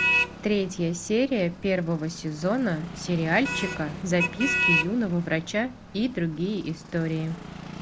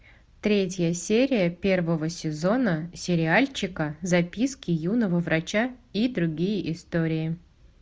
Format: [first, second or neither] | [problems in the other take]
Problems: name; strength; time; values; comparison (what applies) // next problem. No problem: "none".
second | background sound (Motor vehicle (road)); 4 dB below the speech